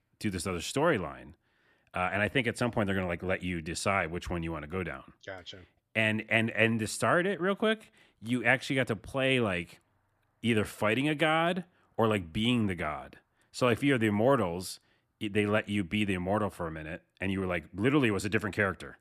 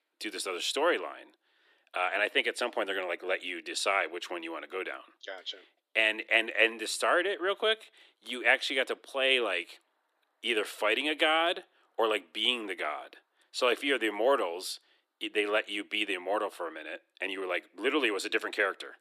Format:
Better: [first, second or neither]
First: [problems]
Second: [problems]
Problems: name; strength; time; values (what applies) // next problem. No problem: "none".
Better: first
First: none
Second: thin; very; fading below 350 Hz